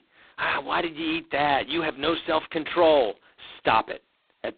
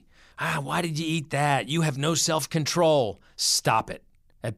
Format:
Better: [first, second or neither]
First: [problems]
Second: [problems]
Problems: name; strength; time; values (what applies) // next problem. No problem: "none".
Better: second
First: phone-call audio; poor line; nothing above 4 kHz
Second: none